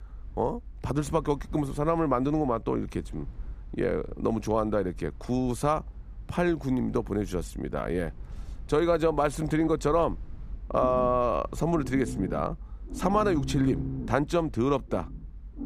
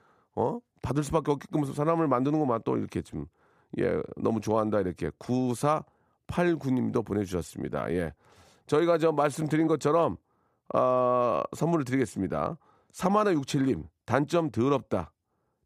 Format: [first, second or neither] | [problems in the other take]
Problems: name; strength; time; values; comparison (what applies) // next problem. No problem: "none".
second | low rumble; noticeable; throughout; 20 dB below the speech